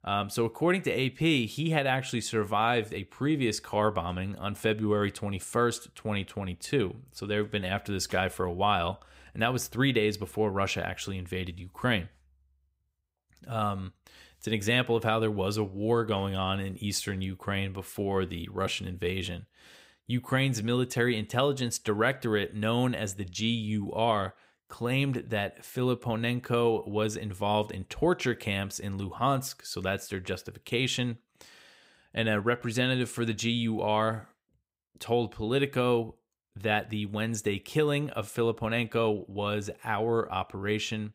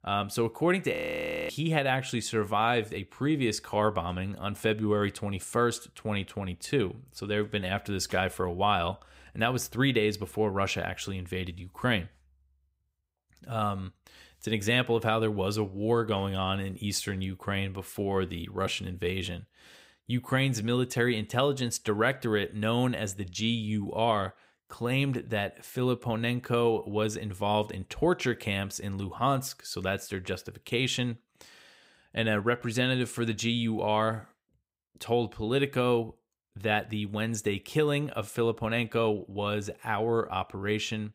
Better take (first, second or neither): first